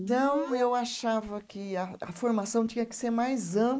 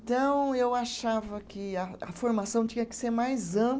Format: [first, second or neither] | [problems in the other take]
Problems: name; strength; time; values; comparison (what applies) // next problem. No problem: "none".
second | noise reduction (neural mask model Resemble Enhance denoiser)